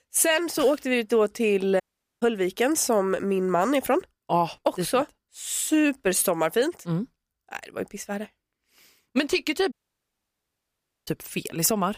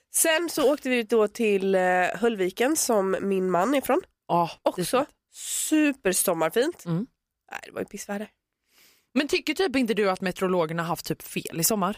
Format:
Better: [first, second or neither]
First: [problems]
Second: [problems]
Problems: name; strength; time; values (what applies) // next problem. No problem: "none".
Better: second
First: audio cutting out; at 2 s and at 9.5 s for 1.5 s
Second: none